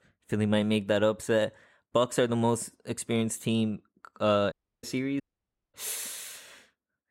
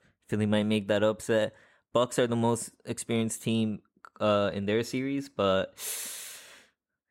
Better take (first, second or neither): second